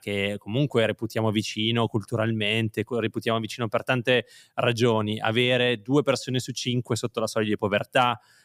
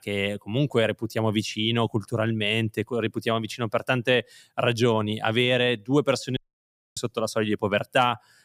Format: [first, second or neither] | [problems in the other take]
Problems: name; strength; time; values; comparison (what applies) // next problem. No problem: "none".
first | audio cutting out; at 6.5 s for 0.5 s